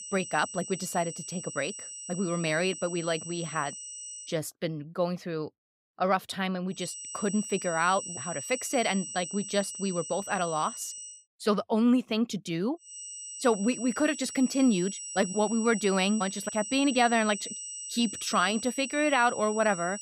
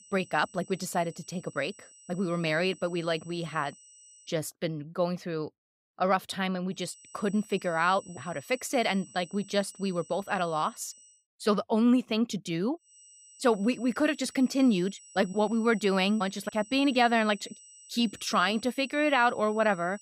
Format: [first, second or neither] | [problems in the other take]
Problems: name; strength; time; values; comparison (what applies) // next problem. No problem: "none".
second | high-pitched whine; loud; until 4.5 s, from 7 to 11 s and from 13 s on; 8 kHz, 9 dB below the speech; faint in the second